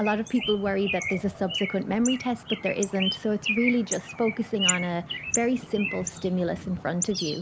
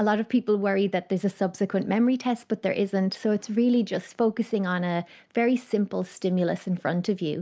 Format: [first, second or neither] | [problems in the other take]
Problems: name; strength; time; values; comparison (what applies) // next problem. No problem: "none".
second | background sound (Bird); 6 dB below the speech